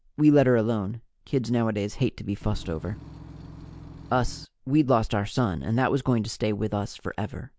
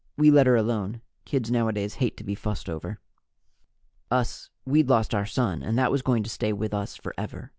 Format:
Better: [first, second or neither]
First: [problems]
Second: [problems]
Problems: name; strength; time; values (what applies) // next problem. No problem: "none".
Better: second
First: background sound (Engine / Truck / Car); 16 dB below the speech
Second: none